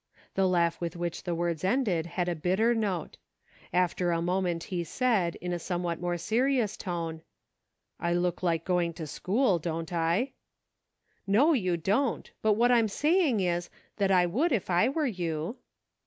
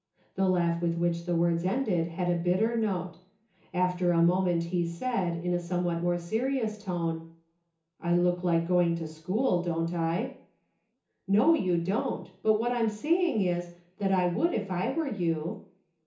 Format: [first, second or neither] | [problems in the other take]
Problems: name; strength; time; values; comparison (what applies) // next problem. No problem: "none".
first | room echo; dies away in 0.7 s